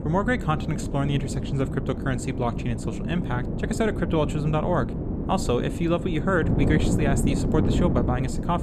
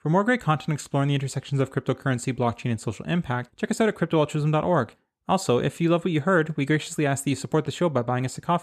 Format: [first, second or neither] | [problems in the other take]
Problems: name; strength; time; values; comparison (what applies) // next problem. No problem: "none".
second | wind noise on the microphone; heavy; 6 dB below the speech